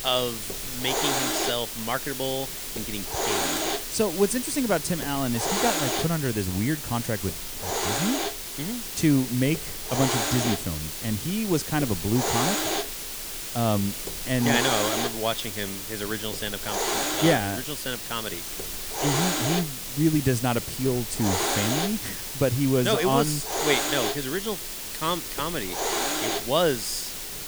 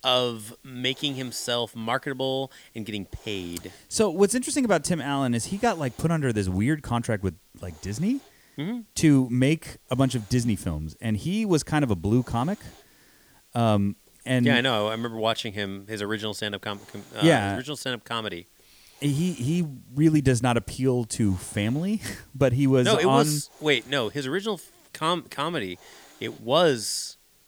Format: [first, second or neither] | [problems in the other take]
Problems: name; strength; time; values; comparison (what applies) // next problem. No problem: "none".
second | hiss; loud; throughout; 1 dB below the speech; faint in the second